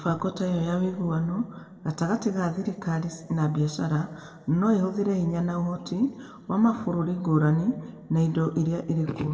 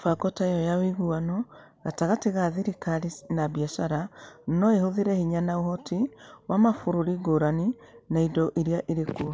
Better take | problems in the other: second | room echo; dies away in 1.7 s

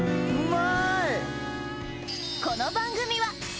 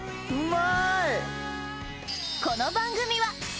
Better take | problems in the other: second | background sound (Guitar); 4 dB below the speech

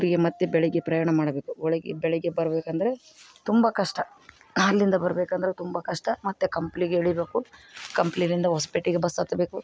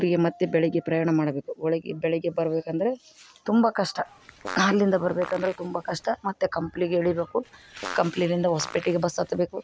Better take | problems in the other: first | background sound (Fart); 16 dB below the speech

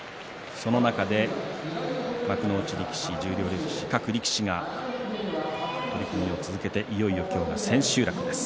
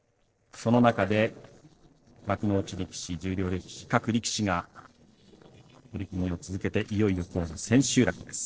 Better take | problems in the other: first | noise reduction (neural separator model SepFormer DNS4)

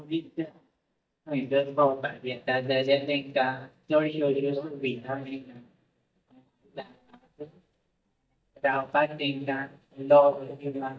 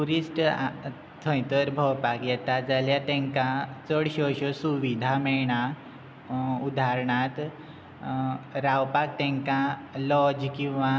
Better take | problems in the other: second | noise reduction (neural mask model DeepFilterNet 3)

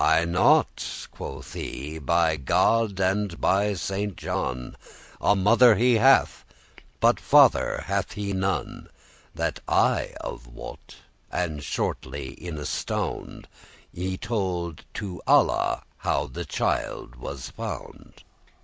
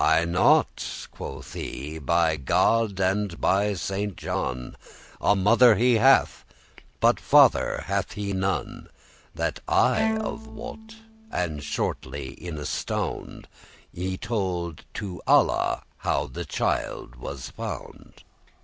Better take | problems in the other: first | background sound (Bowed string instrument); 9 dB below the speech

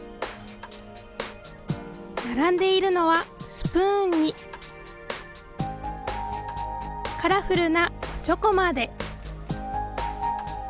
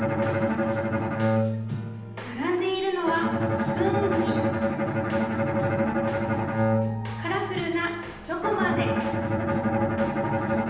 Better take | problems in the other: first | background sound (Bowed string instrument); 5 dB above the speech // room echo; dies away in 0.9 s

